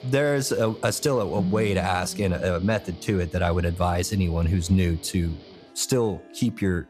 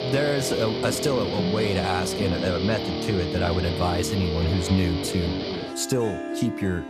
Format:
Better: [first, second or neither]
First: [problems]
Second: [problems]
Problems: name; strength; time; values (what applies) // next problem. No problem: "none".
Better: first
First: background music; faint; throughout; 20 dB below the speech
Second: background music; loud; throughout; 3 dB below the speech